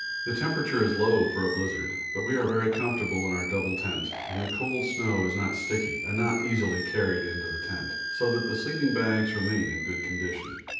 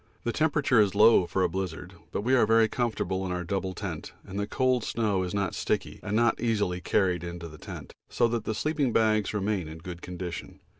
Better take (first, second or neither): second